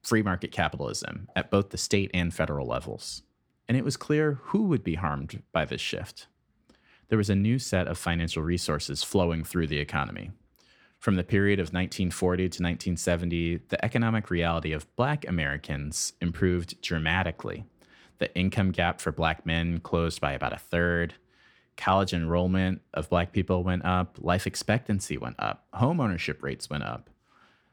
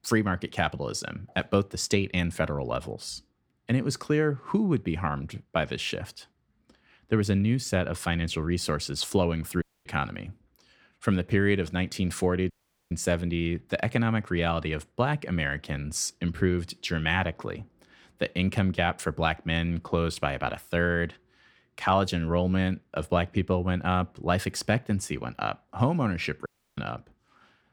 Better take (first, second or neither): first